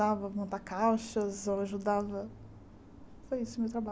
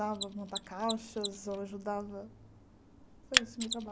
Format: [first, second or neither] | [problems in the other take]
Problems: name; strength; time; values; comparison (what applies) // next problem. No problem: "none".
first | background sound (Mechanisms); as loud as the speech